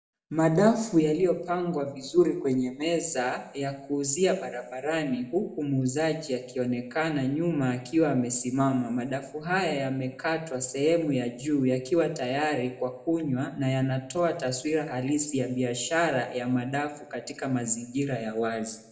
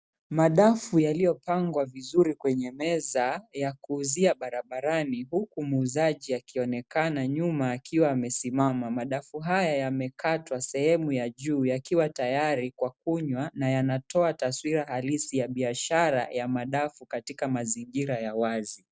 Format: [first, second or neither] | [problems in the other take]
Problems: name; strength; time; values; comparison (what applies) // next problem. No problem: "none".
second | room echo; dies away in 0.7 s